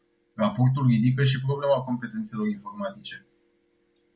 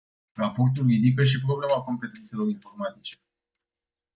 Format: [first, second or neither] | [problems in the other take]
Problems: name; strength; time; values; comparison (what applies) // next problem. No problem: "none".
first | noise reduction (neural mask model DeepFilterNet 3)